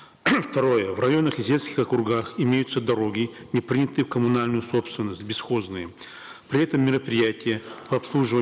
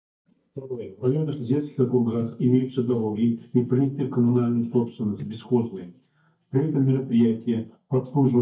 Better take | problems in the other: first | noise reduction (neural mask model DeepFilterNet 3)

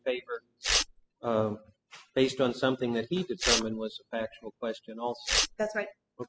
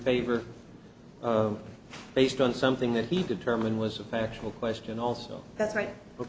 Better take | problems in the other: second | noise reduction (classical method spectral subtraction)

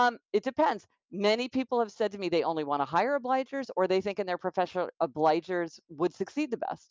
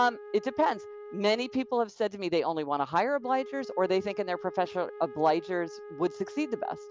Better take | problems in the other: first | background sound (Wind instrument, woodwind instrument); 15 dB below the speech

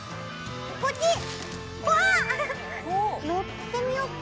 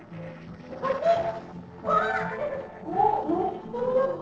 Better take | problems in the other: first | noise reduction (neural separator model SepFormer DNS4)

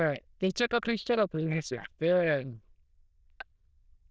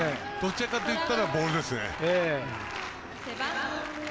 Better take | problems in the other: second | noise reduction (neural diffusion model UNIVERSE++)

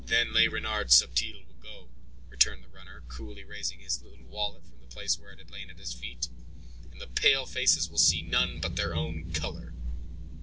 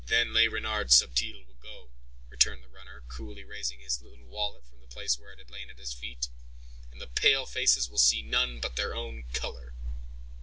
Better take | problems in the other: second | background sound (Thunder); 12 dB below the speech

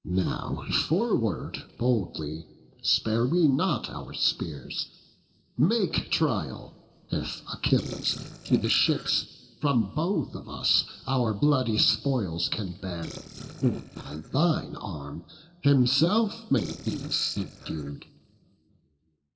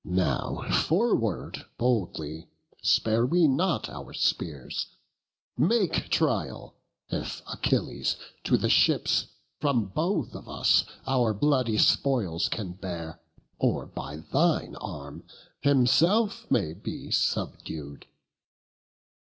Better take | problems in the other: second | noise reduction (neural separator model SepFormer DNS4)

